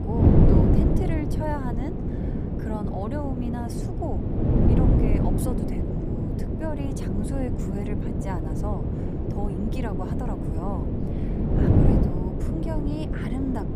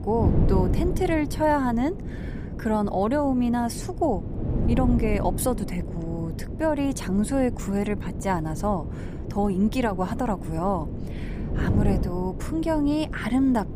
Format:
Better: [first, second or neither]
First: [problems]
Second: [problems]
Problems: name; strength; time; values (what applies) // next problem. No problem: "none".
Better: second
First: wind noise on the microphone; heavy; 4 dB above the speech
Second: wind noise on the microphone; occasional gusts; 10 dB below the speech